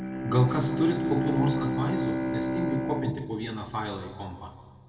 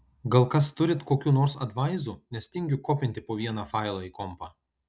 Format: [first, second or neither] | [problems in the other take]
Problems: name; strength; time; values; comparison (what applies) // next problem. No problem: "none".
second | background sound (Bowed string instrument); 1 dB below the speech // room echo; dies away in 1.5 s